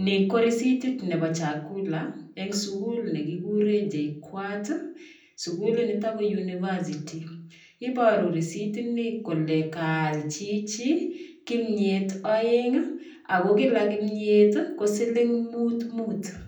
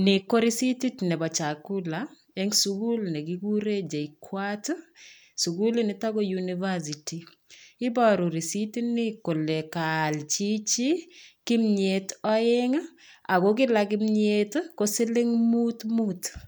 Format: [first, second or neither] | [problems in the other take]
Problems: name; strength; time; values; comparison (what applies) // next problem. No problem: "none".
second | room echo; dies away in 0.6 s